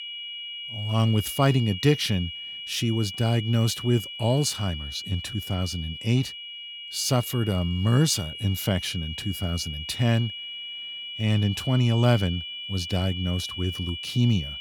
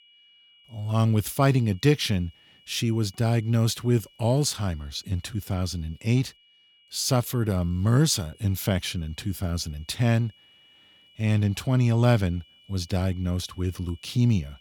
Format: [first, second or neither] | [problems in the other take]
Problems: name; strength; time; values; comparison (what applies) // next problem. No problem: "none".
second | high-pitched whine; loud; throughout; 3 kHz, 8 dB below the speech; faint in the second